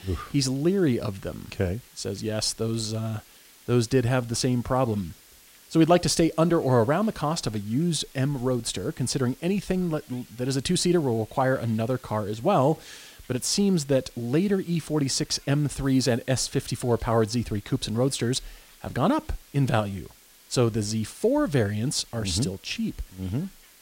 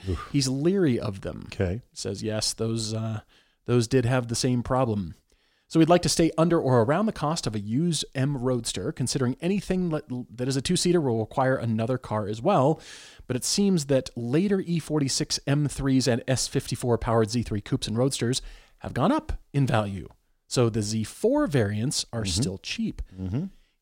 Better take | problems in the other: second | hiss; faint; throughout; 25 dB below the speech

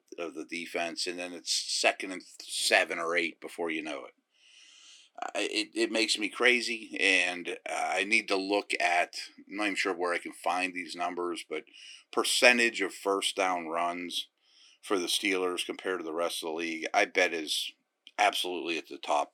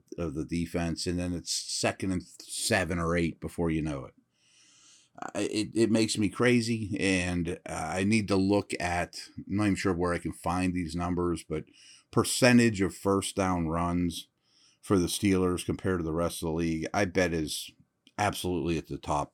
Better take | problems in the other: second | thin; somewhat; fading below 350 Hz

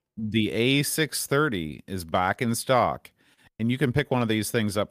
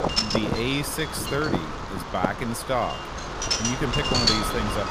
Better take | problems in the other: first | wind noise on the microphone; heavy; 2 dB above the speech

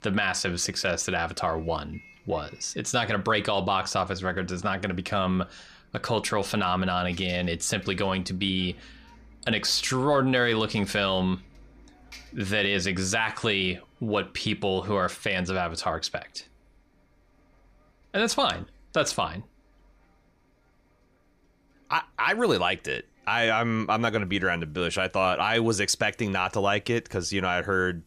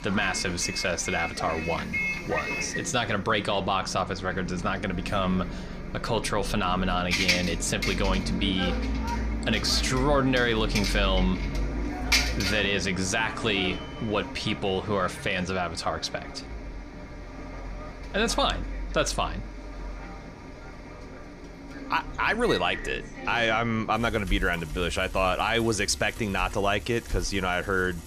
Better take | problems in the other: first | traffic noise; loud; throughout; 6 dB below the speech; faint in the first

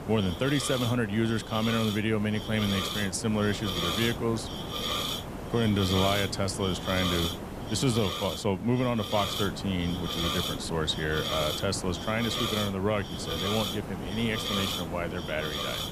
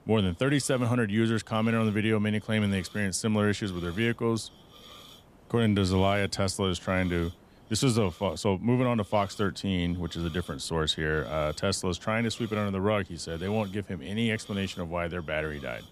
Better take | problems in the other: second | hiss; loud; throughout; 3 dB below the speech; faint in the second

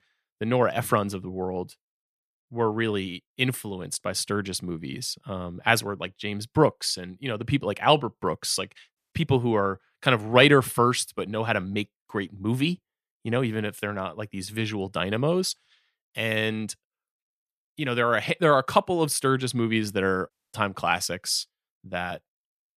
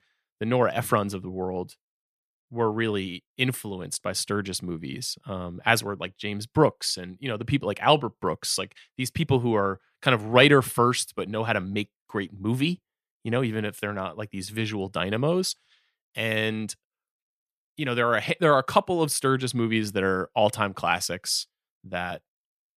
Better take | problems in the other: second | audio cutting out; at 9 s and at 20 s

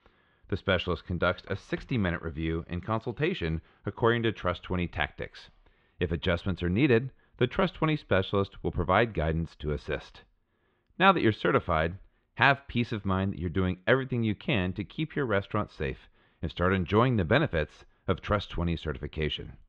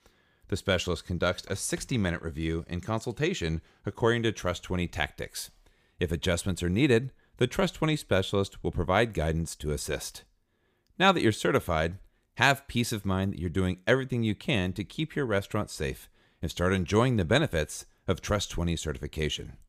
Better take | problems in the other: second | muffled; very; fading above 3 kHz

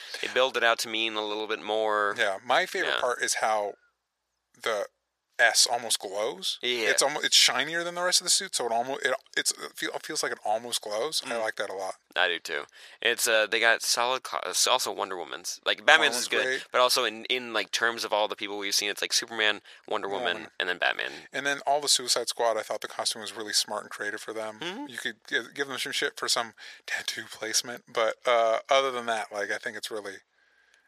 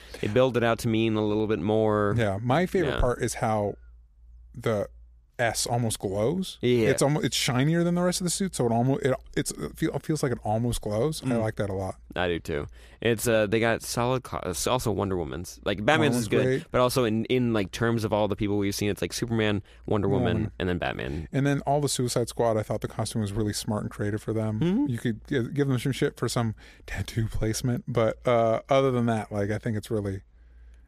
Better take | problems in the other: second | thin; very; fading below 700 Hz

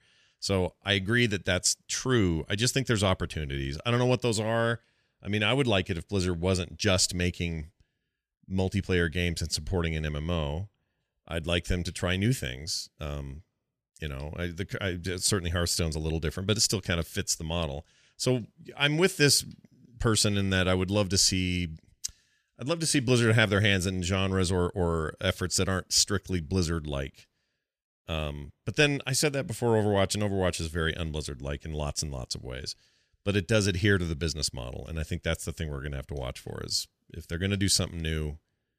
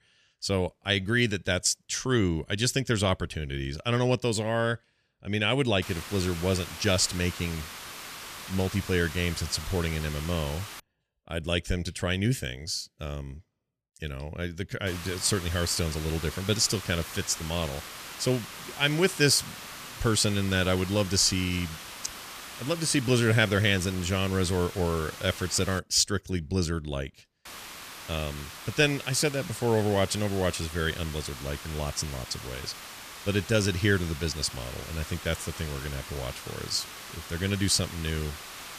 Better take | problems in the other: first | hiss; noticeable; from 6 to 11 s, from 15 to 26 s and from 27 s on; 10 dB below the speech

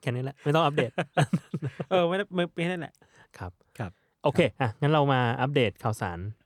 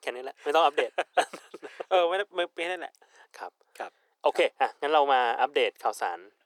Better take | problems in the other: first | thin; very; fading below 400 Hz

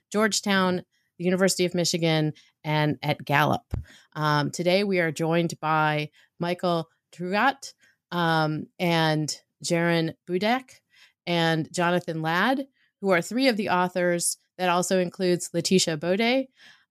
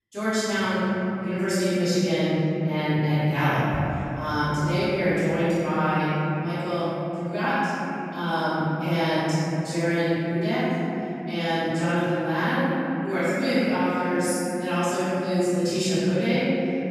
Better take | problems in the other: first | off-mic speech; far // room echo; strong; dies away in 3 s

